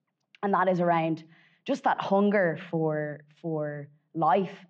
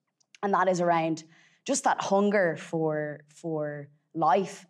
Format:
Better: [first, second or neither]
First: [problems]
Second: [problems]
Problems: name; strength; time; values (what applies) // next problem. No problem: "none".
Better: second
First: muffled; very; fading above 3.5 kHz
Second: none